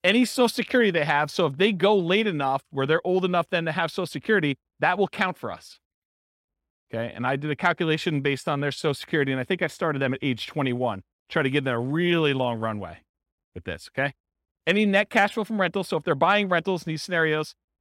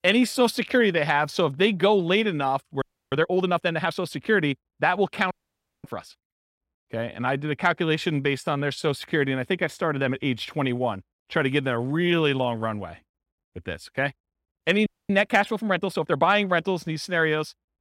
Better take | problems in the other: first | audio freezing; at 3 s, at 5.5 s for 0.5 s and at 15 s

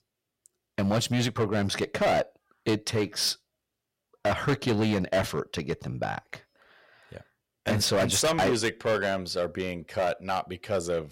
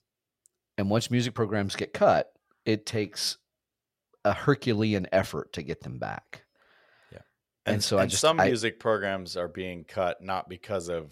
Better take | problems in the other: second | distortion; heavy; 9% of the sound clipped

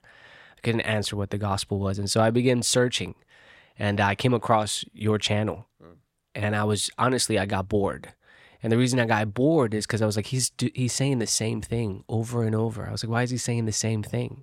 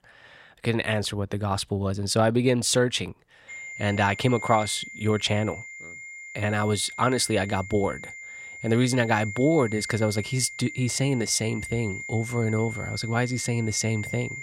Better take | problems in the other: first | high-pitched whine; noticeable; from 3.5 s on; 2 kHz, 10 dB below the speech

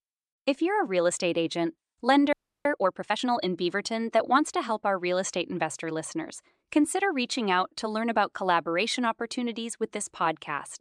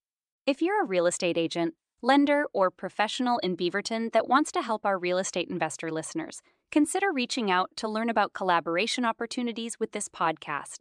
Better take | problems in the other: second | audio freezing; at 2.5 s

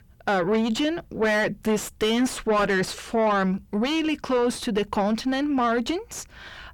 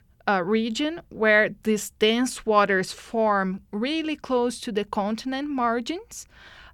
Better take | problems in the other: second | distortion; heavy; 6 dB below the speech

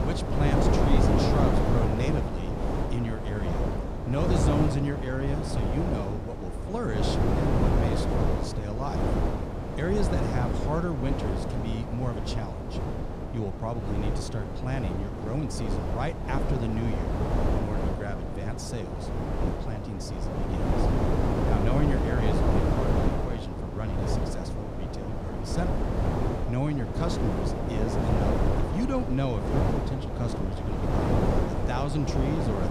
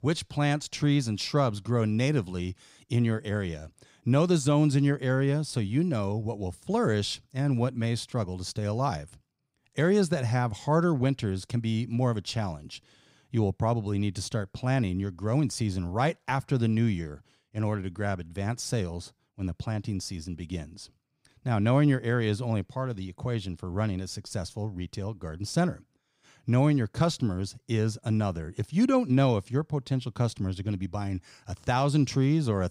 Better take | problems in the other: second | wind noise on the microphone; heavy; 3 dB above the speech

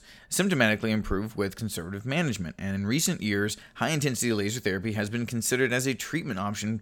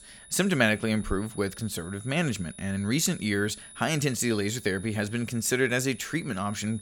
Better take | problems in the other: first | high-pitched whine; noticeable; throughout; 10 kHz, 20 dB below the speech

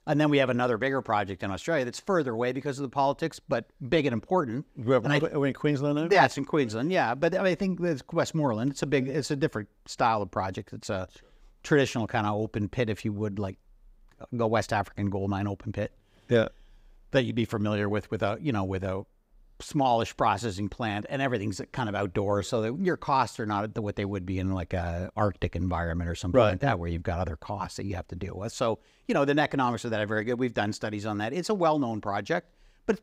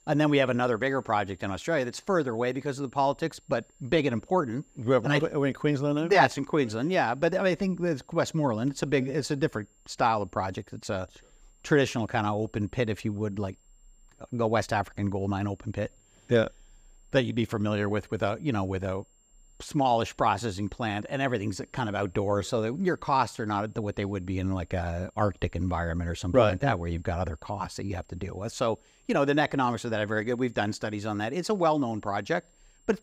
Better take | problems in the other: first | high-pitched whine; faint; throughout; 7.5 kHz, 35 dB below the speech

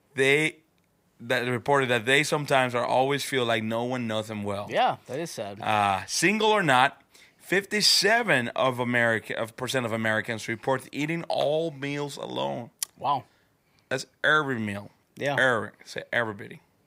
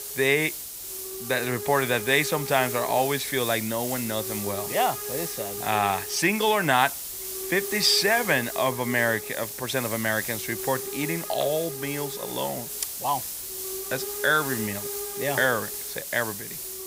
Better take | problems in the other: first | hiss; loud; throughout; 6 dB below the speech

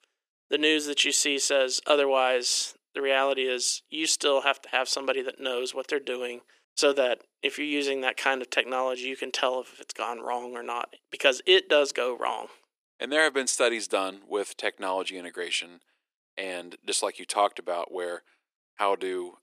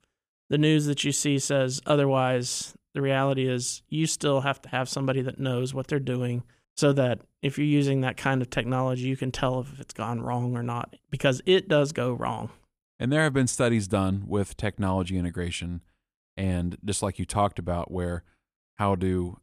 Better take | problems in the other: second | thin; very; fading below 350 Hz

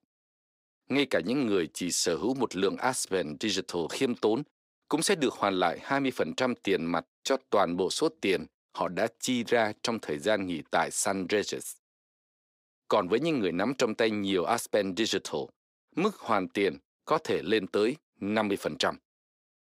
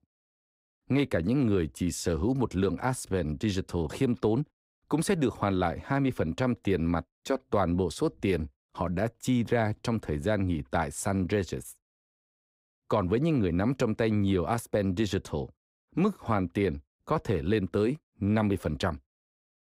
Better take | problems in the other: second | thin; very slightly; fading below 300 Hz

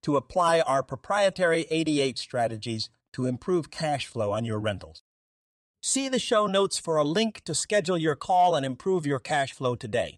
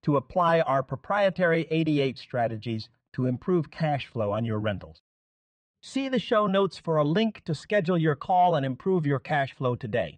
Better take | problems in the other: first | muffled; slightly; fading above 2.5 kHz

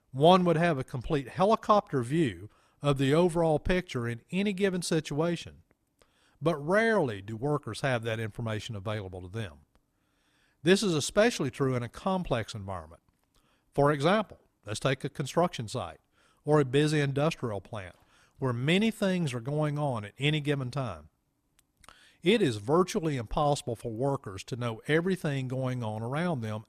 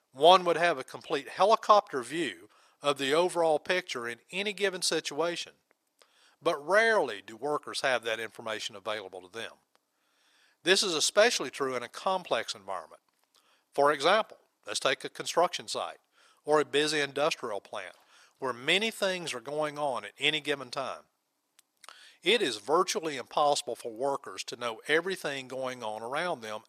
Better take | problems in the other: first | thin; very; fading below 500 Hz

